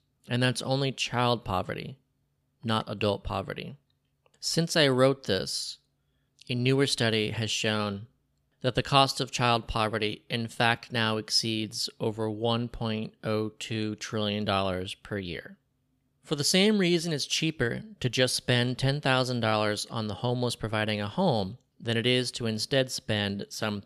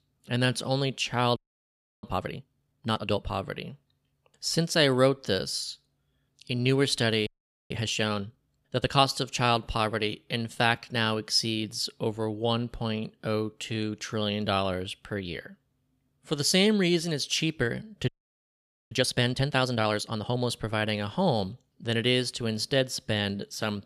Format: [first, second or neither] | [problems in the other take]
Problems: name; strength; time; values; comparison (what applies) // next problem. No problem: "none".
first | audio freezing; at 1.5 s for 0.5 s, at 7.5 s and at 18 s for 1 s